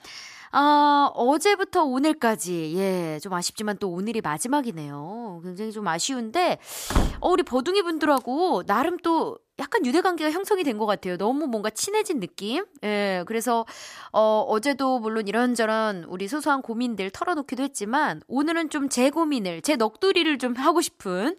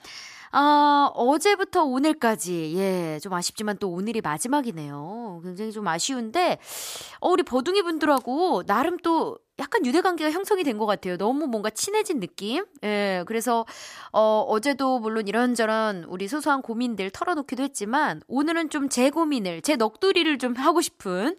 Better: second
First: door banging; noticeable; at 7 s; peak 2 dB below the speech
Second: none

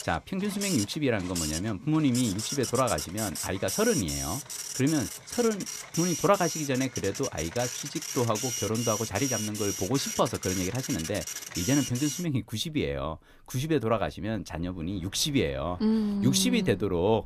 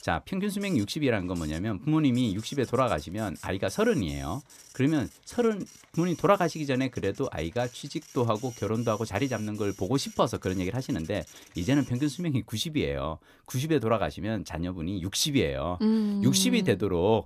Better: second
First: household noises; loud; throughout; 5 dB below the speech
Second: household noises; faint; throughout; 20 dB below the speech

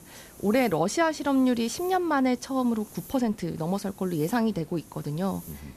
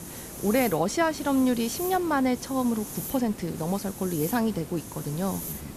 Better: first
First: hiss; faint; throughout; 20 dB below the speech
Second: hiss; loud; throughout; 10 dB below the speech

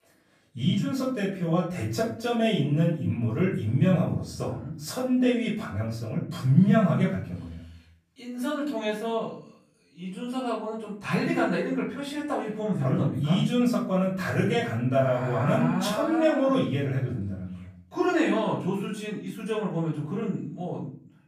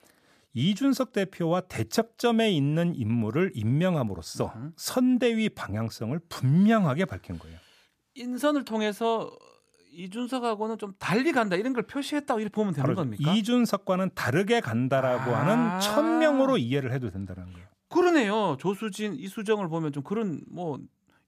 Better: second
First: off-mic speech; far // room echo; noticeable; dies away in 0.5 s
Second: none

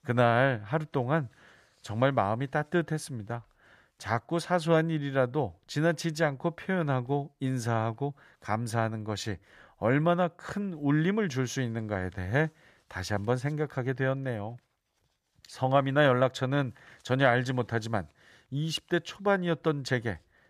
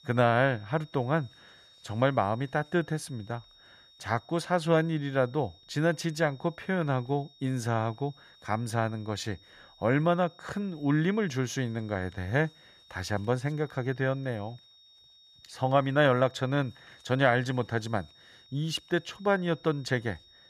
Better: first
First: none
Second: high-pitched whine; faint; throughout; 3.5 kHz, 25 dB below the speech

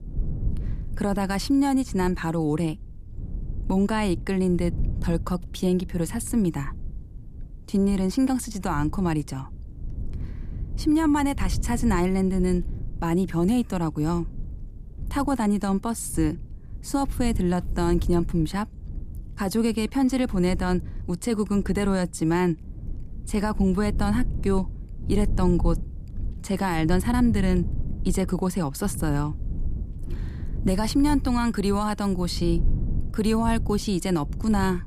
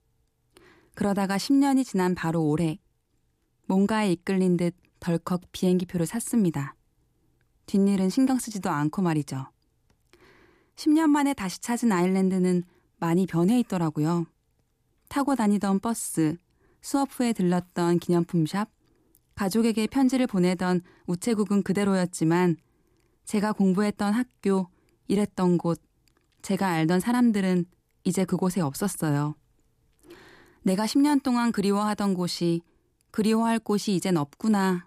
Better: second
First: low rumble; noticeable; throughout; 20 dB below the speech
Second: none

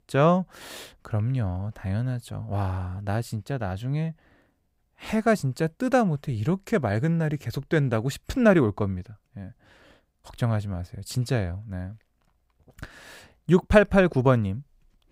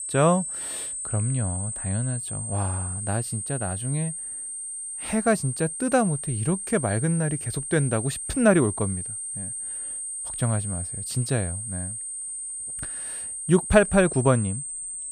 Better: first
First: none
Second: high-pitched whine; loud; throughout; 9 kHz, 5 dB below the speech

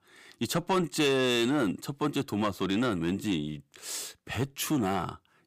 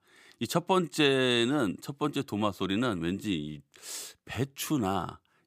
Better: second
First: distortion; slight; 10 dB below the speech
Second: none

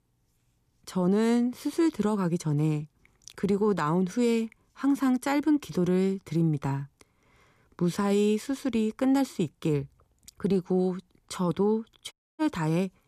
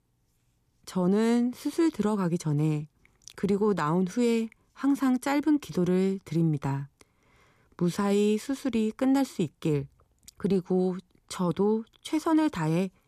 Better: second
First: audio cutting out; at 12 s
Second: none

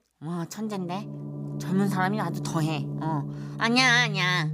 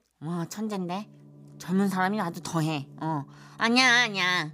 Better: second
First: background music; loud; from 1 s on; 8 dB below the speech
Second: background music; faint; from 1 s on; 25 dB below the speech

